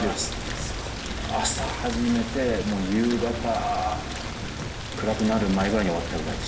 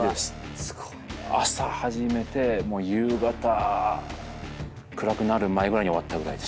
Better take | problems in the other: second | background sound (Rain); 6 dB below the speech // room echo; dies away in 0.9 s

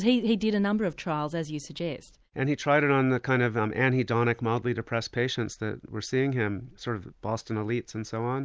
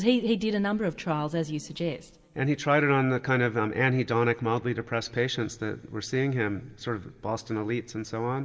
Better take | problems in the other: first | room echo; dies away in 2.4 s

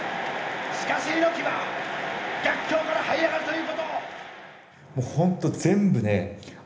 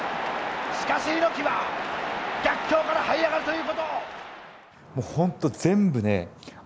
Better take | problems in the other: second | room echo; dies away in 0.8 s

